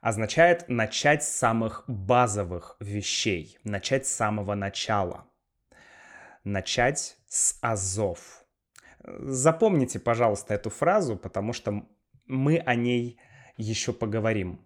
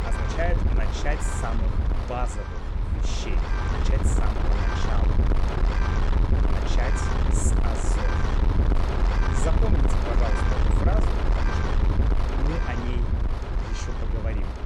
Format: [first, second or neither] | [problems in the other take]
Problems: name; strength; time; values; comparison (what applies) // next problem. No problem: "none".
first | wind noise on the microphone; heavy; 3 dB above the speech